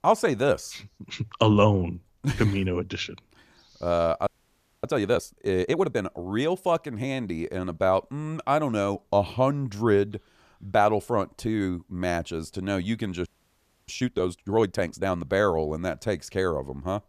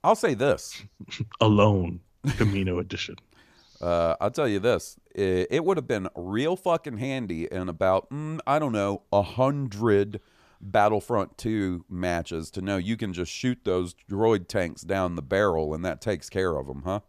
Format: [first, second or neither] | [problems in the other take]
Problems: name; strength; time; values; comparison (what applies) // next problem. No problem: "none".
second | audio freezing; at 4.5 s for 0.5 s and at 13 s for 0.5 s